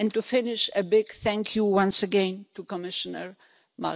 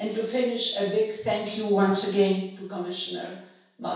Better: first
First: none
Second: room echo; dies away in 0.7 s

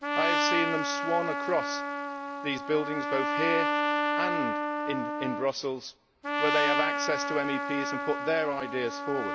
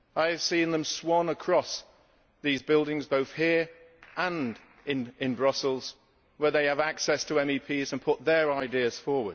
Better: second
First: background sound (Trumpet); 1 dB above the speech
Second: none

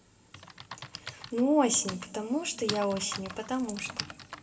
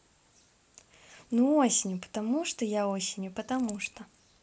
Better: second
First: background sound (Typing); 11 dB below the speech // room echo; dies away in 2.8 s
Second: none

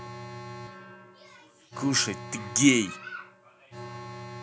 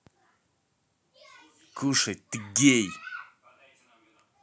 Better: second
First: background sound (Alarm); 12 dB below the speech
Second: none

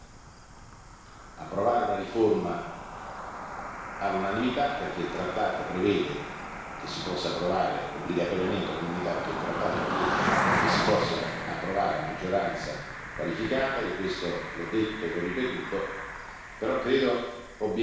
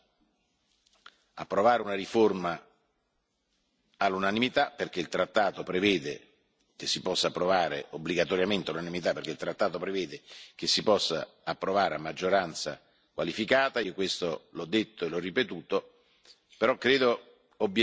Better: second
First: background sound (Cricket); 4 dB below the speech // room echo; dies away in 1.1 s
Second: none

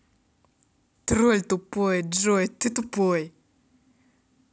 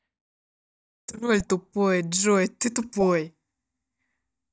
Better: first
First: none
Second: noise reduction (neural mask model DeepFilterNet 3)

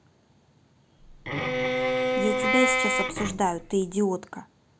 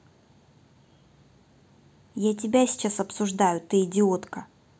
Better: second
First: background sound (Bowed string instrument); 3 dB above the speech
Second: none

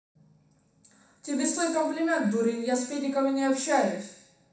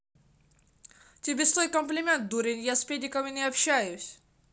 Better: second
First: room echo; dies away in 0.7 s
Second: none

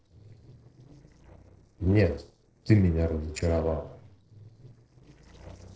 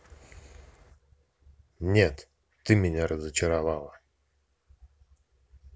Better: second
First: noise reduction (neural separator model SepFormer DNS4)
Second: none

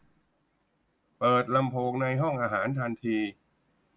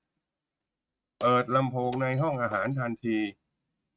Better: first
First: none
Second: noise reduction (neural mask model RNNoise)

